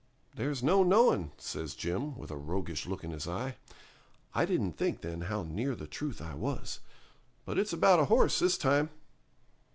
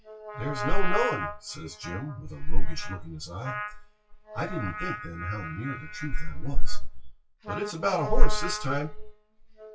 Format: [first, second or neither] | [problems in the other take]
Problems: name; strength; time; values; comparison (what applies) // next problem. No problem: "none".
first | noise reduction (classical method WPE with log-MMSE)